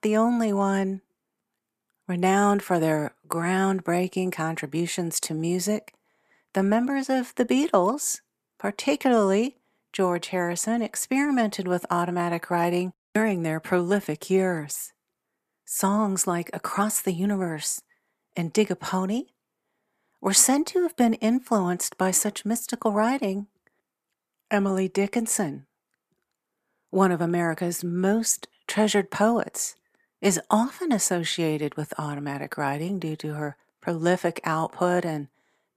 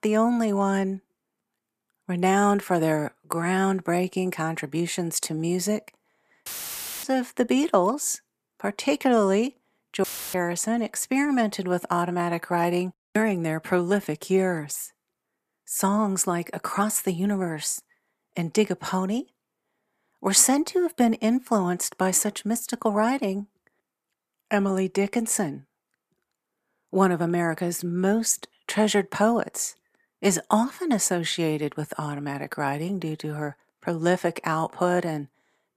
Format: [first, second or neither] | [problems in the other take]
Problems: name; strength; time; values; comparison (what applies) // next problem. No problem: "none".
first | audio cutting out; filled with static; at 6.5 s for 0.5 s and at 10 s